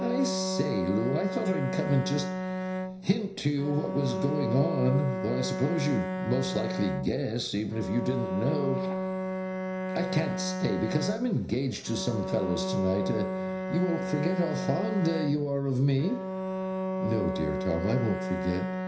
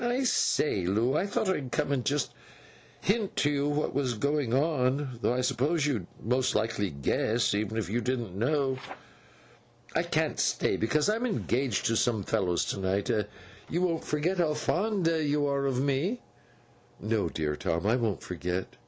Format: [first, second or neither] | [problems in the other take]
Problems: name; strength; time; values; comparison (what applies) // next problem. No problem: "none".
second | background sound (Bowed string instrument); 3 dB below the speech // room echo; dies away in 0.5 s